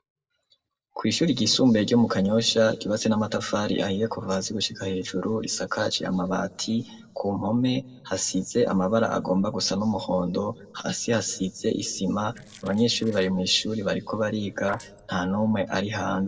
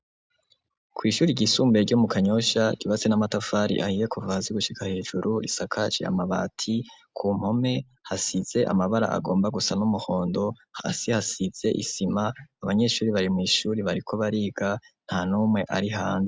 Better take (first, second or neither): second